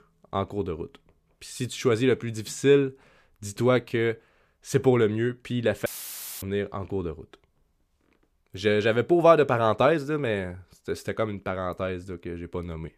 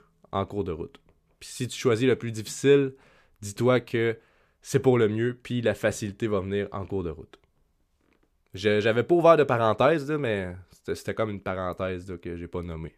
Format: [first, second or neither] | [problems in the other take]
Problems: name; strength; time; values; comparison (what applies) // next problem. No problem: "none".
second | audio cutting out; filled with static; at 6 s for 0.5 s